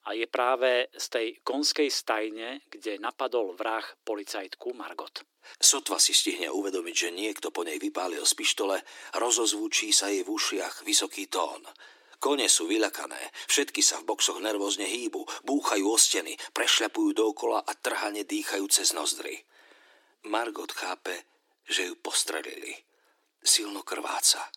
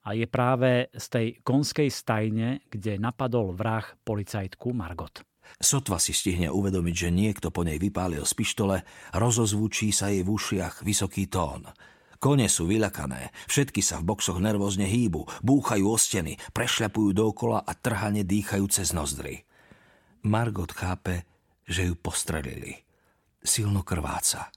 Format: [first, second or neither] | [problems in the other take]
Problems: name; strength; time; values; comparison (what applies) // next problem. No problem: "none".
second | thin; somewhat; fading below 300 Hz